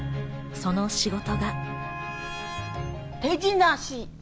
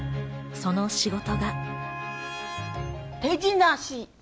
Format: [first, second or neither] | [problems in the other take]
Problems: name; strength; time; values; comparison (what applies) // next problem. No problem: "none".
second | background sound (Boat, Water vehicle); 15 dB below the speech